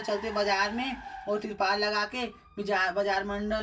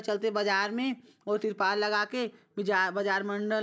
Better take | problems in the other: second | background sound (Car); 16 dB below the speech // room echo; dies away in 0.2 s

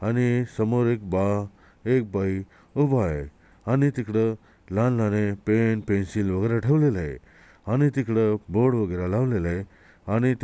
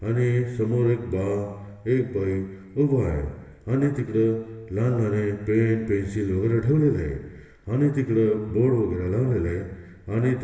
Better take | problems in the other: first | room echo; dies away in 1.3 s

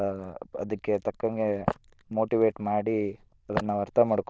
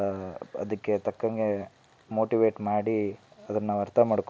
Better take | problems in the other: second | noise reduction (neural diffusion model UNIVERSE++)

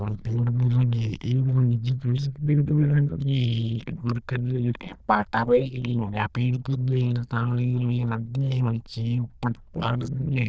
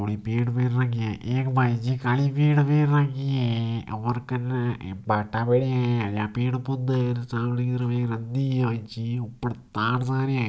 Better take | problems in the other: second | noise reduction (neural diffusion model UNIVERSE++)

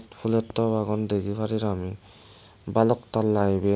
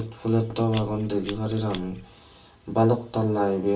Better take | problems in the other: first | background sound (Scissors); 16 dB below the speech // room echo; dies away in 0.3 s

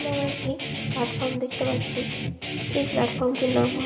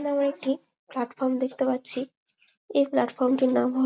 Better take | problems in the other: second | background sound (Guitar); 3 dB below the speech // room echo; dies away in 1.9 s

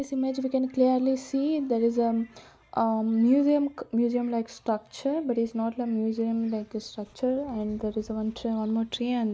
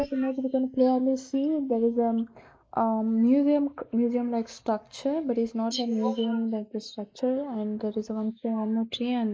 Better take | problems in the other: first | noise reduction (neural mask model Resemble Enhance denoiser)

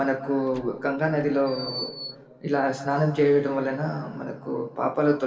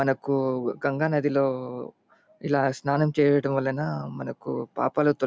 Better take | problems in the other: second | background sound (Door); 17 dB below the speech // room echo; dies away in 2.2 s

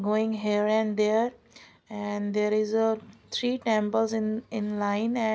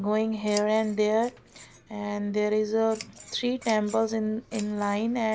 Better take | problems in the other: first | background sound (Scissors); 20 dB below the speech

